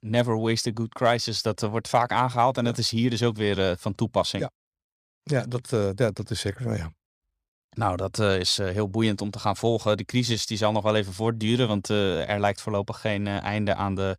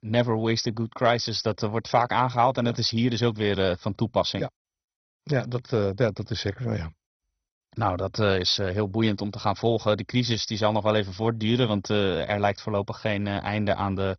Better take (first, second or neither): first